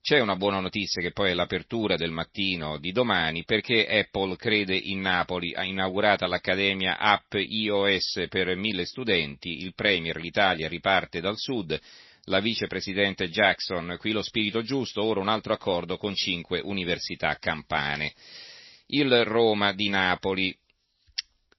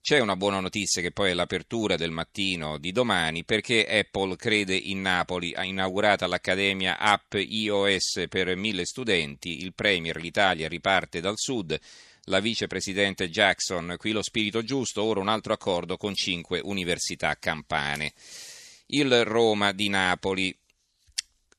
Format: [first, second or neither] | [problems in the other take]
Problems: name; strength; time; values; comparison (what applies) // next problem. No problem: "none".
second | garbled, watery; slightly; nothing above 5.5 kHz